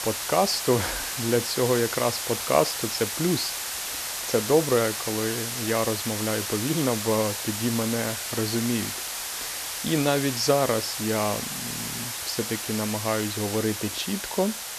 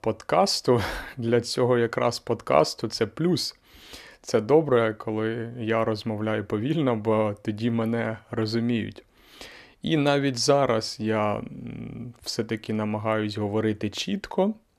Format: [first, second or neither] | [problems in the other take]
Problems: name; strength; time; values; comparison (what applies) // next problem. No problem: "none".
second | hiss; loud; throughout; 3 dB below the speech